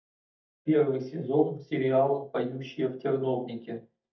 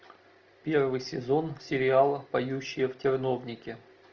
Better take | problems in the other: second | noise reduction (neural mask model DeepFilterNet 3)

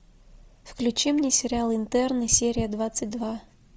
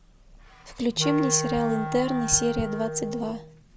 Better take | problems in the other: first | background sound (Wind instrument, woodwind instrument); 6 dB below the speech

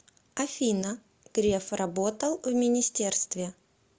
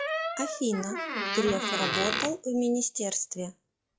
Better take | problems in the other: first | noise reduction (classical method log-MMSE)

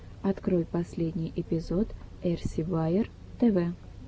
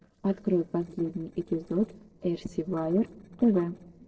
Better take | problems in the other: first | noise reduction (neural separator model SepFormer DNS4)

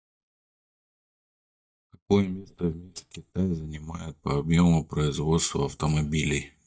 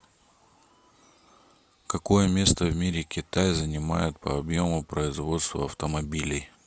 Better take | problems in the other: second | noise reduction (neural mask model DeepFilterNet 3)

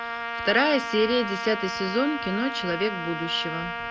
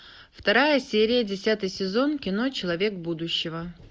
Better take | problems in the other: second | background sound (Trumpet); 5 dB below the speech

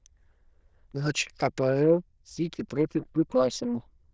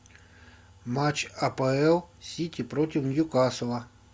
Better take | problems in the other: second | noise reduction (neural diffusion model UNIVERSE++)

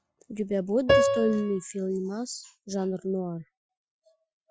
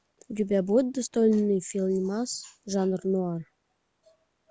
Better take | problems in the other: second | noise reduction (classical method Wiener filter)

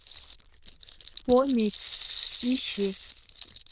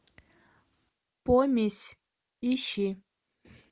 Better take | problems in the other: second | noise reduction (neural diffusion model UNIVERSE++)

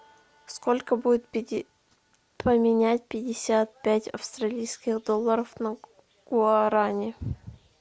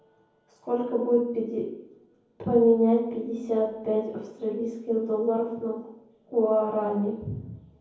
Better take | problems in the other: first | room echo; dies away in 0.9 s

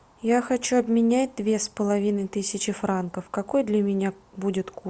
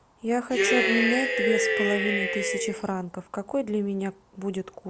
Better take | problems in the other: first | background sound (Cheering); 3 dB above the speech

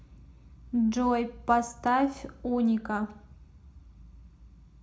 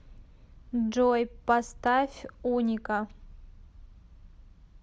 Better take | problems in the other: second | room echo; dies away in 0.3 s

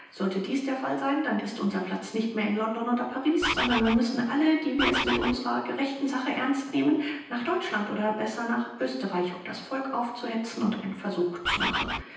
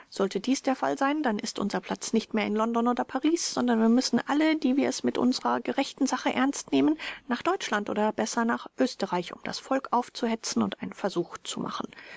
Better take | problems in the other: second | background sound (Bird); as loud as the speech // room echo; dies away in 0.9 s

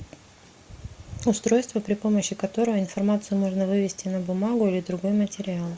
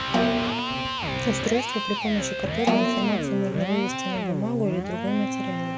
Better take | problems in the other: first | background sound (Snare drum + Electric guitar); 2 dB above the speech

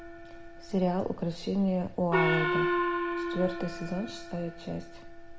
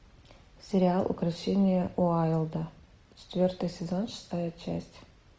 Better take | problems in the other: second | background sound (Gong); 1 dB below the speech

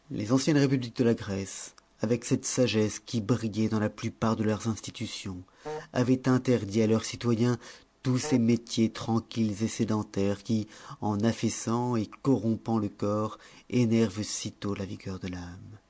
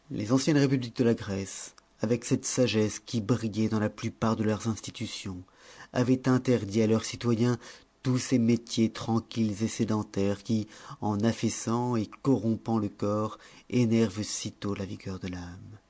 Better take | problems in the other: second | background sound (Wind instrument, woodwind instrument); 14 dB below the speech

